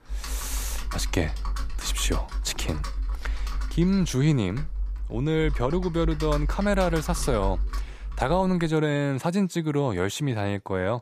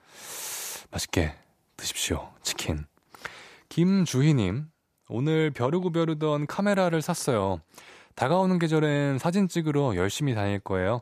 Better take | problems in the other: second | keyboard typing; noticeable; until 8.5 s; peak 4 dB below the speech

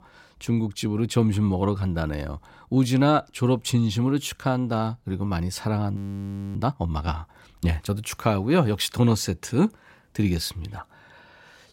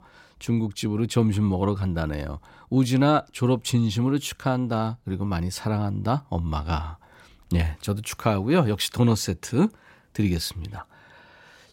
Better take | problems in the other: second | audio freezing; at 6 s for 0.5 s

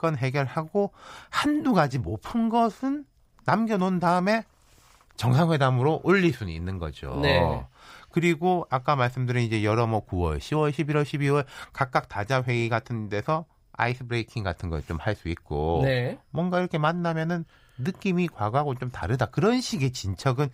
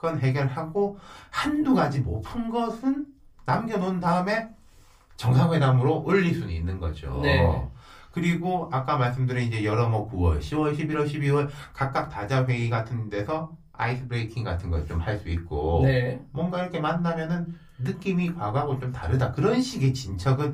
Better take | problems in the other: first | off-mic speech; far // room echo; very slight; dies away in 0.2 s

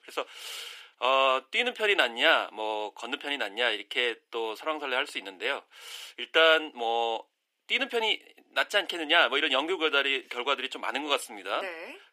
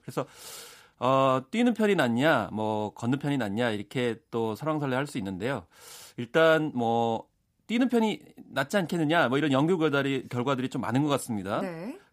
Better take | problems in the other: second | thin; very; fading below 350 Hz

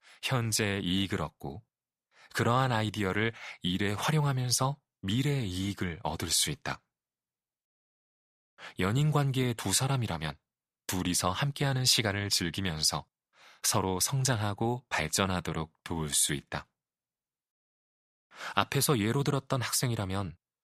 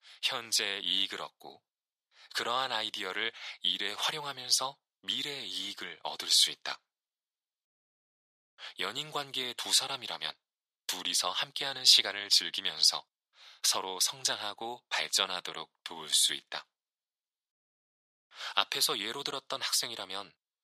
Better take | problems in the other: first | thin; very; fading below 550 Hz

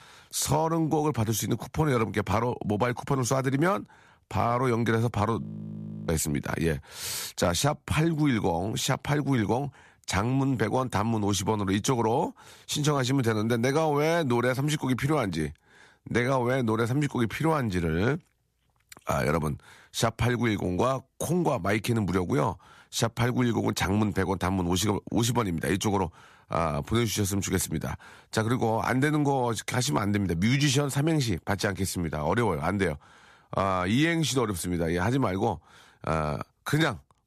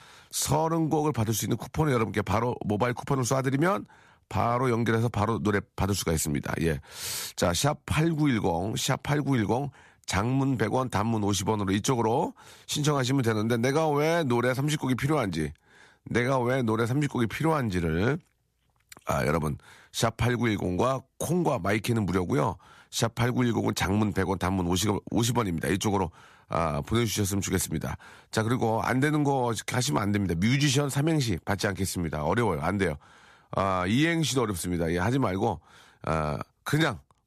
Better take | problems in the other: second | audio freezing; at 5.5 s for 0.5 s

